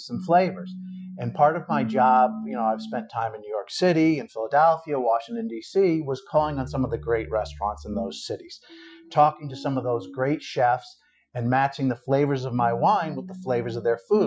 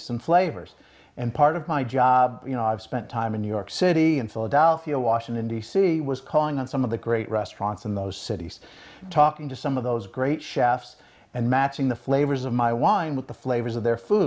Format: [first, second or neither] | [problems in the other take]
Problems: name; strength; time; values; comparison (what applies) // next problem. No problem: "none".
second | noise reduction (classical method Wiener filter)